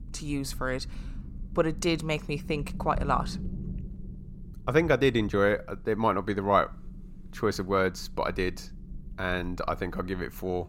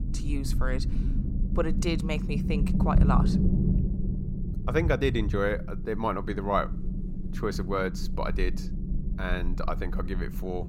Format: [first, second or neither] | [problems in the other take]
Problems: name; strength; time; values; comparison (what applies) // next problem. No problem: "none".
first | low rumble; loud; throughout; 9 dB below the speech; faint in the first